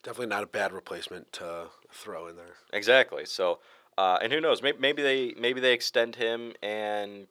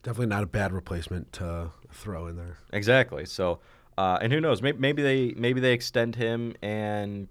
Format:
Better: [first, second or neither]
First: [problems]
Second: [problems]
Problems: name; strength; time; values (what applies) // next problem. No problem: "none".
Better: second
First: thin; somewhat; fading below 500 Hz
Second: none